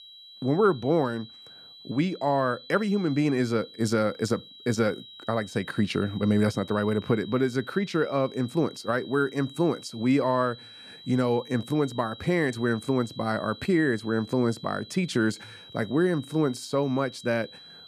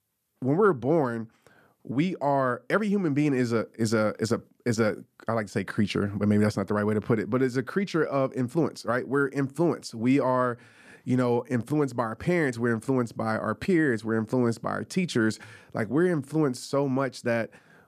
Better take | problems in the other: second | high-pitched whine; noticeable; throughout; 4 kHz, 20 dB below the speech

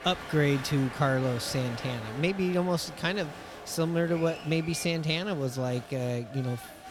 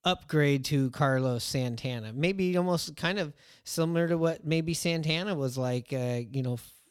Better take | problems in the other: second | crowd noise; noticeable; throughout; 15 dB below the speech

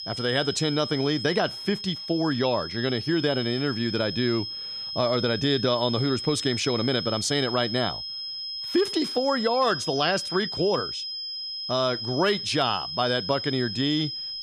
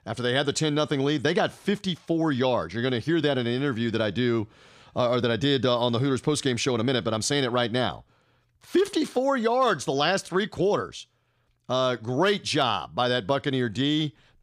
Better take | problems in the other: second | high-pitched whine; loud; throughout; 5 kHz, 5 dB below the speech

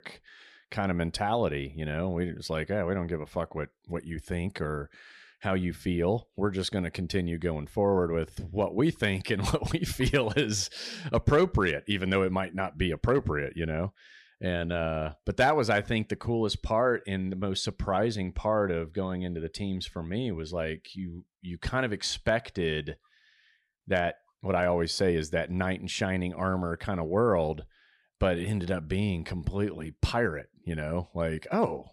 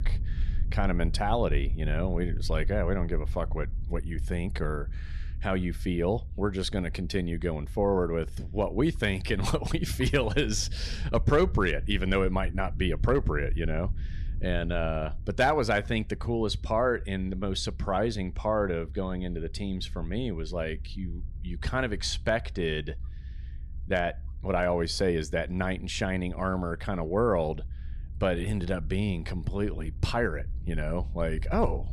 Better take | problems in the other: first | low rumble; faint; throughout; 25 dB below the speech

